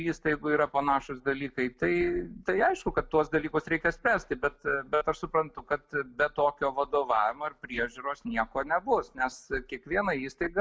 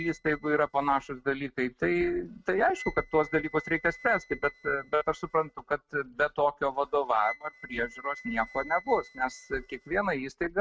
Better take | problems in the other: first | noise reduction (neural mask model RNNoise)

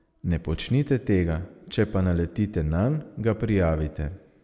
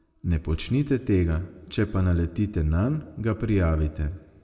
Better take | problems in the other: first | room echo; dies away in 1.2 s

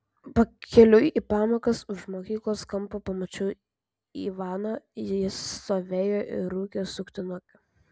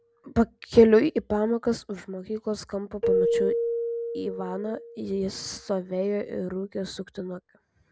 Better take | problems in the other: first | background sound (Keyboard (musical)); 6 dB below the speech

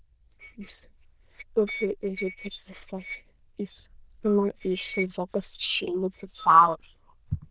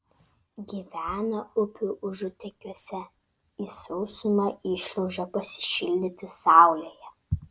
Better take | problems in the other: second | noise reduction (neural diffusion model UNIVERSE++)

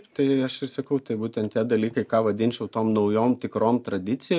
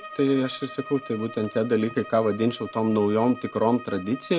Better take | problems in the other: first | background sound (Bowed string instrument); 17 dB below the speech

